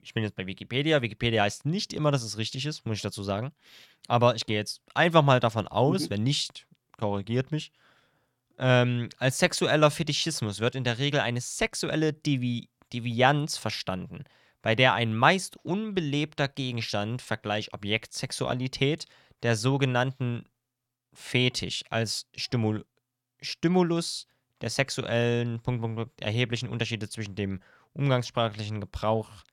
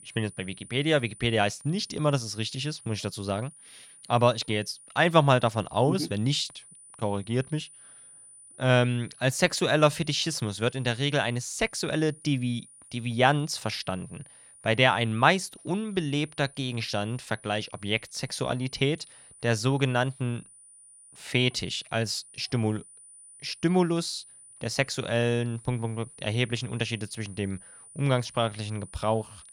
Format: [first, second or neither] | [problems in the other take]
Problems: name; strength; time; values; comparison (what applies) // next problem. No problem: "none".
first | high-pitched whine; faint; throughout; 9.5 kHz, 20 dB below the speech